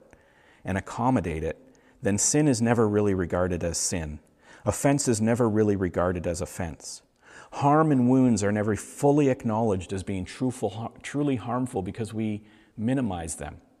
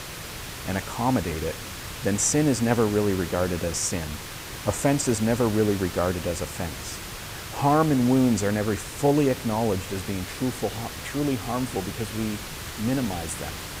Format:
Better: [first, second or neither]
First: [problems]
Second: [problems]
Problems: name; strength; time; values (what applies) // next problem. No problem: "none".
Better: first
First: none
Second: hiss; loud; throughout; 9 dB below the speech